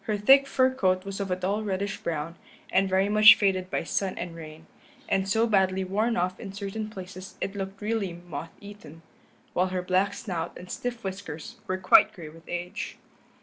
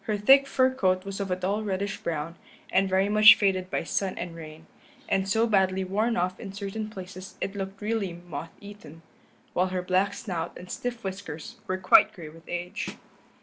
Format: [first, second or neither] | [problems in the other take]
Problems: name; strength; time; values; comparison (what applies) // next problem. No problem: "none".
first | background sound (Snare drum); 14 dB below the speech